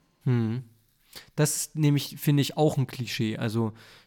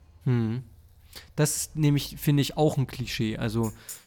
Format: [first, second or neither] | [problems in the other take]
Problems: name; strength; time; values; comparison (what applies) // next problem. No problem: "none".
first | traffic noise; faint; throughout; 25 dB below the speech